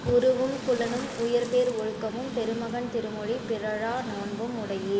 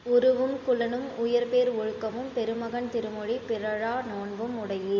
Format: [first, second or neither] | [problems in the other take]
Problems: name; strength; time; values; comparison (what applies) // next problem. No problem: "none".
second | background sound (Splash, splatter + Train); 10 dB below the speech